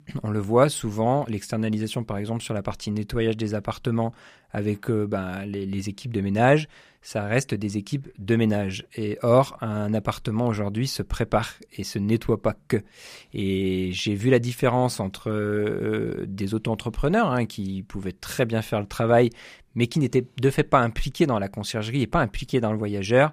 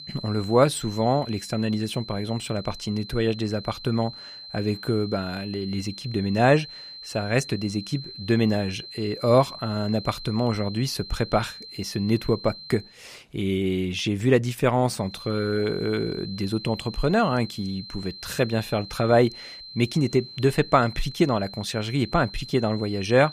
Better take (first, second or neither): first